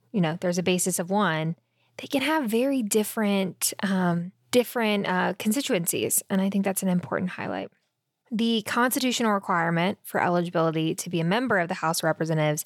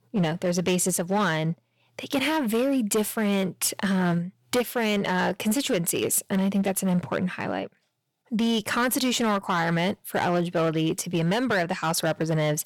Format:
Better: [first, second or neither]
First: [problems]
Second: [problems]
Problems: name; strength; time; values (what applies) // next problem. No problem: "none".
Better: first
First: none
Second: distortion; slight; 11% of the sound clipped